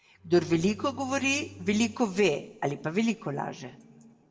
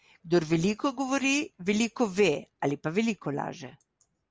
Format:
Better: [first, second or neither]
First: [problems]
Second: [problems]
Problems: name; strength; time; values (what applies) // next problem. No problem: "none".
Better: second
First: background sound (Bowed string instrument); 20 dB below the speech // room echo; dies away in 1.6 s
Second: none